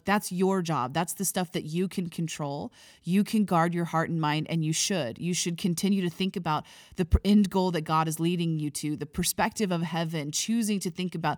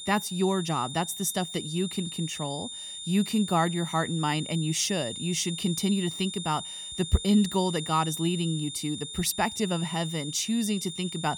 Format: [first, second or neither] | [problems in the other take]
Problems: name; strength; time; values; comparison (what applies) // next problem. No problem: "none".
first | high-pitched whine; loud; throughout; 3.5 kHz, 8 dB below the speech